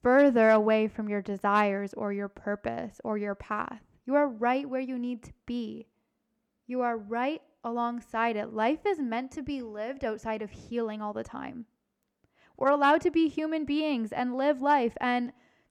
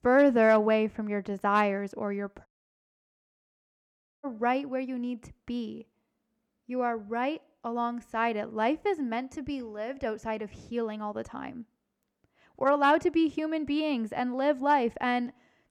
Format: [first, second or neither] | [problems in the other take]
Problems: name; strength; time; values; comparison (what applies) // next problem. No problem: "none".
first | audio cutting out; at 2.5 s for 2 s